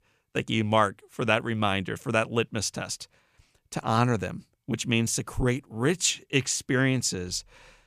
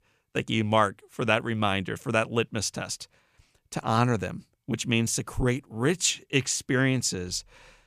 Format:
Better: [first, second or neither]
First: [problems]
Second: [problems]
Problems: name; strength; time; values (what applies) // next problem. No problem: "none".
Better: neither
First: none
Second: none